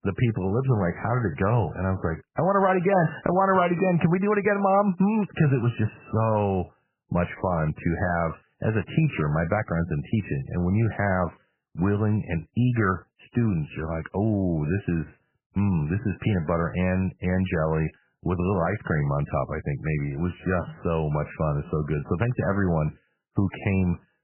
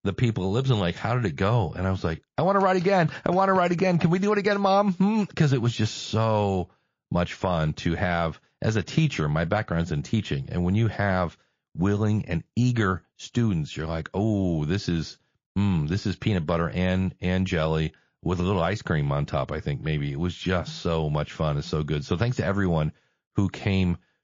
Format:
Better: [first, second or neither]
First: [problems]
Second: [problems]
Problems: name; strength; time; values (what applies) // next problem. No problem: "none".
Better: second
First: garbled, watery; badly; nothing above 3 kHz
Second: garbled, watery; slightly; nothing above 6.5 kHz